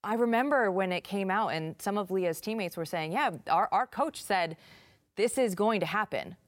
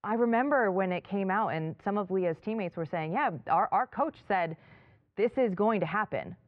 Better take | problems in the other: first | muffled; very; fading above 2 kHz

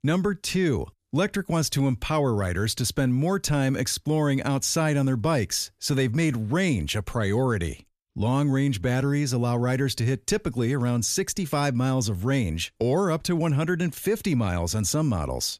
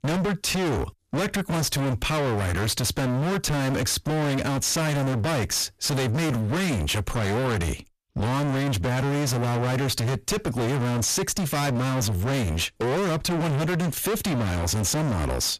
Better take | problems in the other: first | distortion; heavy; 52% of the sound clipped

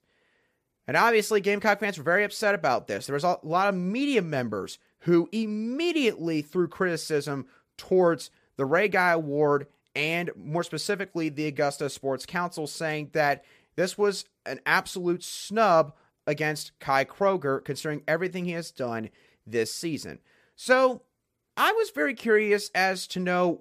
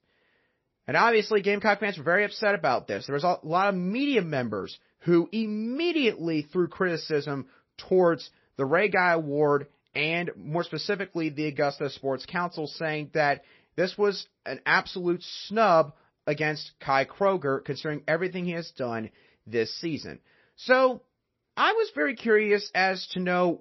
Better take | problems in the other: first | garbled, watery; slightly; nothing above 5.5 kHz

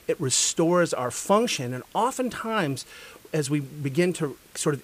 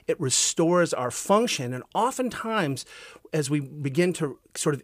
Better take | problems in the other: second | hiss; faint; throughout; 25 dB below the speech

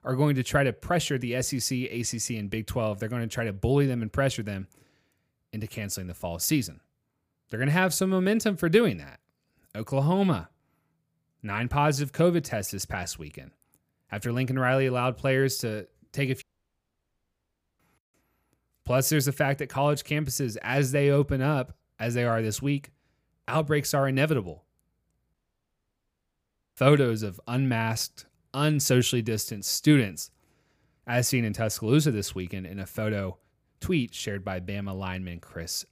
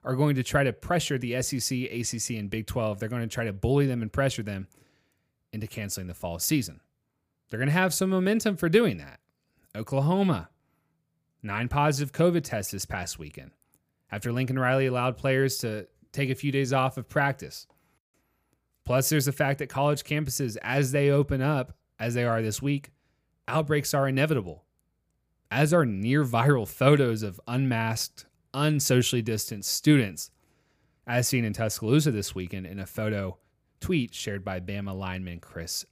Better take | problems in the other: second | audio cutting out; at 16 s for 1.5 s and at 25 s for 1.5 s

